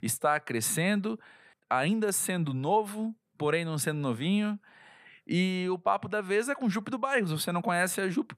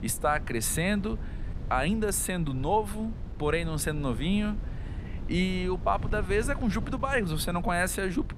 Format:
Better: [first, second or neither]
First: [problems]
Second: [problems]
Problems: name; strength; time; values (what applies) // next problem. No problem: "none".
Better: first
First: none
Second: wind noise on the microphone; occasional gusts; 20 dB below the speech